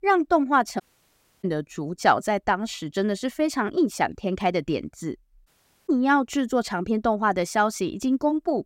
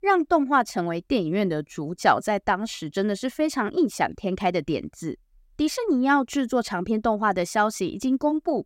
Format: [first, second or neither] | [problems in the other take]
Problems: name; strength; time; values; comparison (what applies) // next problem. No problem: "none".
second | audio cutting out; at 1 s for 0.5 s and at 5.5 s